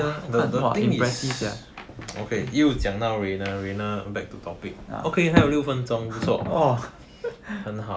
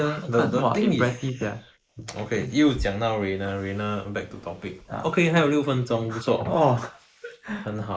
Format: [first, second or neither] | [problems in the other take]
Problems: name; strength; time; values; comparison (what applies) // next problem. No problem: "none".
first | noise reduction (neural mask model Resemble Enhance denoiser)